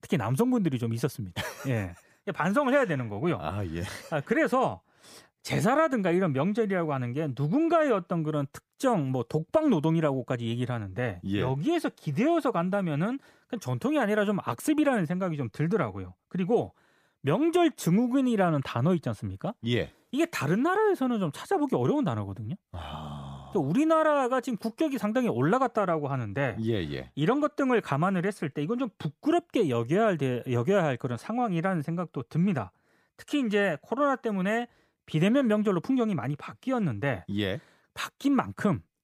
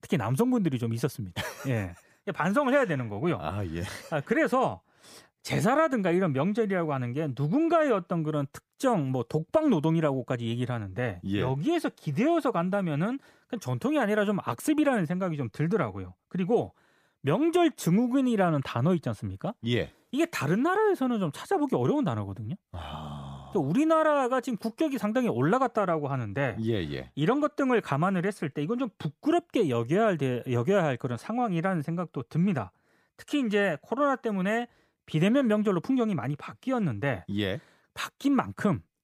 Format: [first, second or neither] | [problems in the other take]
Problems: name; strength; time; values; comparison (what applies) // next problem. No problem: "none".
neither | none